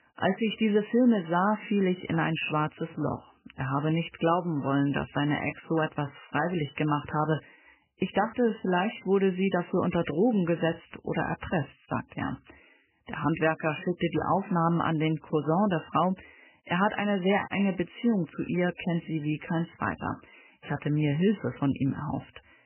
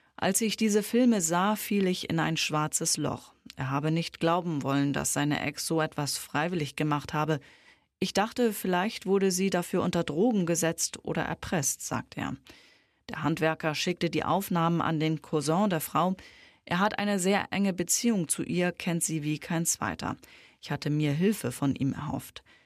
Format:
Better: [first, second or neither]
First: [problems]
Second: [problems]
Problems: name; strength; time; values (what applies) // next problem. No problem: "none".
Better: second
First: garbled, watery; badly; nothing above 3 kHz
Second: none